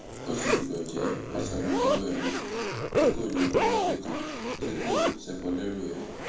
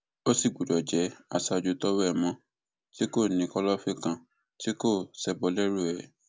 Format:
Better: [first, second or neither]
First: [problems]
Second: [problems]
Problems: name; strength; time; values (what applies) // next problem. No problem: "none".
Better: second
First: background sound (Zipper (clothing)); 3 dB above the speech // room echo; dies away in 0.8 s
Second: none